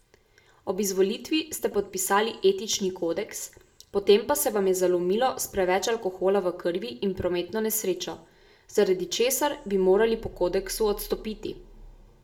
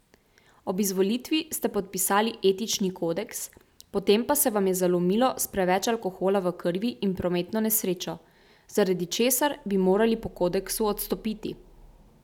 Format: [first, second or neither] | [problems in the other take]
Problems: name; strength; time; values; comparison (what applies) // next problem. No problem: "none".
second | room echo; dies away in 0.3 s